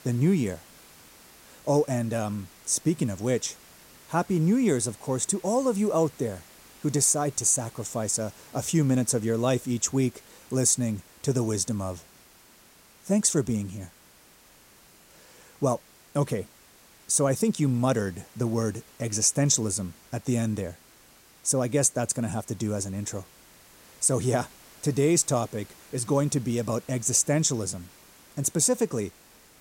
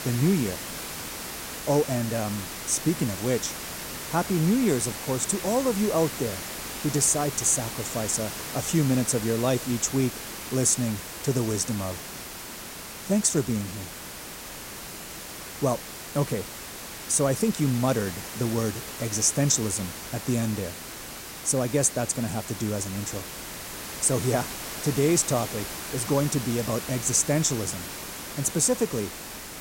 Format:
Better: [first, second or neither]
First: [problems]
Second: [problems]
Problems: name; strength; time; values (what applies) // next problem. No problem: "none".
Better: first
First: hiss; faint; throughout; 25 dB below the speech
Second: hiss; loud; throughout; 9 dB below the speech